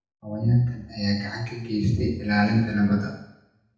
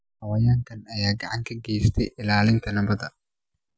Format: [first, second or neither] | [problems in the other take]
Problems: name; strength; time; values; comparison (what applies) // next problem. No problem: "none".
second | room echo; dies away in 0.8 s